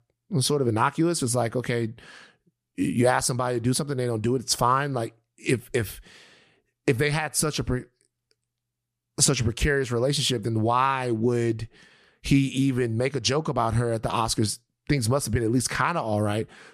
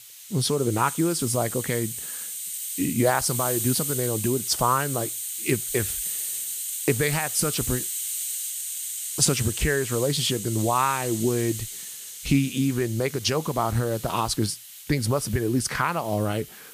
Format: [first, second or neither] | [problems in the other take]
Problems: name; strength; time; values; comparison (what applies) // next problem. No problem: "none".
first | hiss; loud; throughout; 4 dB below the speech